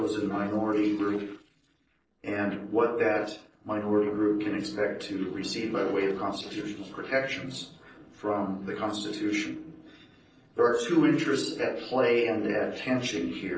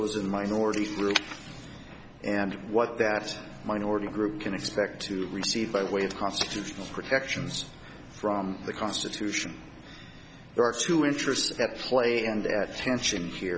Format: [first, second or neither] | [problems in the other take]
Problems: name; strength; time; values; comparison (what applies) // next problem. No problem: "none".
second | noise reduction (neural separator model SepFormer DNS4)